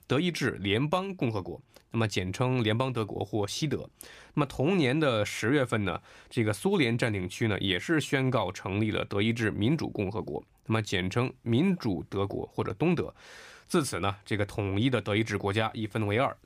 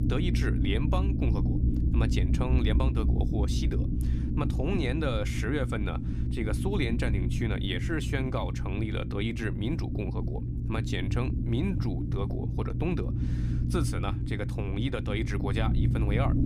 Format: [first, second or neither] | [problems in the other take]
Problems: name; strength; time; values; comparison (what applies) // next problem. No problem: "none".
first | low rumble; loud; throughout; 5 dB below the speech